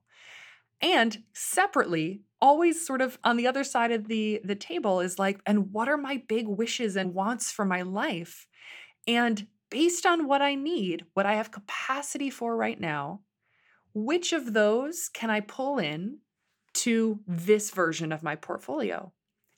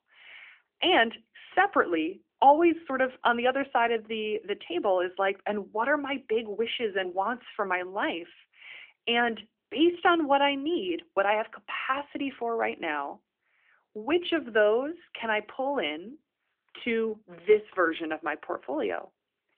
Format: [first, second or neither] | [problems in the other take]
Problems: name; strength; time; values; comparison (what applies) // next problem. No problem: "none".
first | phone-call audio; nothing above 3 kHz